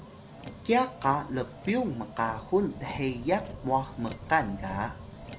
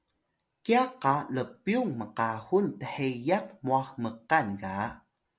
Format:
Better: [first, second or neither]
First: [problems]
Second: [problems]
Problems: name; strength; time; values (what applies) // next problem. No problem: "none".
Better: second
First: background sound (Motor vehicle (road)); 13 dB below the speech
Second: none